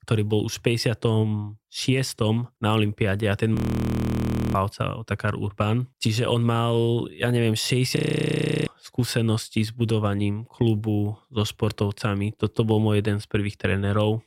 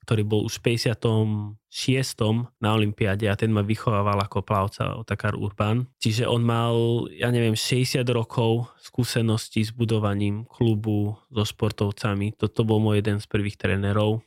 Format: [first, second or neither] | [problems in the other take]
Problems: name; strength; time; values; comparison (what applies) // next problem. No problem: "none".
second | audio freezing; at 3.5 s for 1 s and at 8 s for 0.5 s